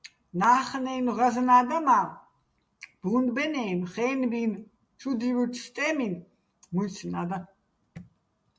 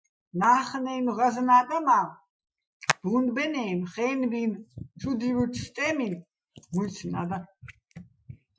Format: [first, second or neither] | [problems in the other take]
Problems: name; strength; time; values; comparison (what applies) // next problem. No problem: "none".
first | noise reduction (classical method Wiener filter)